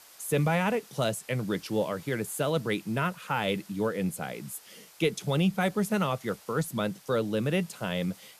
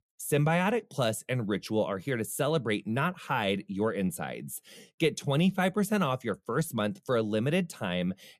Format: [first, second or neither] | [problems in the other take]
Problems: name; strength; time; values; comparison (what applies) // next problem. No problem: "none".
second | hiss; faint; throughout; 20 dB below the speech